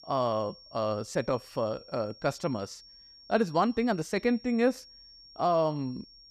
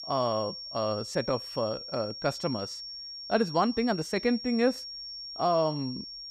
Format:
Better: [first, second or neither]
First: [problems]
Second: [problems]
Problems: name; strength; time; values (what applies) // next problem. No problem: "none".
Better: first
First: high-pitched whine; faint; throughout; 5.5 kHz, 20 dB below the speech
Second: high-pitched whine; loud; throughout; 5.5 kHz, 9 dB below the speech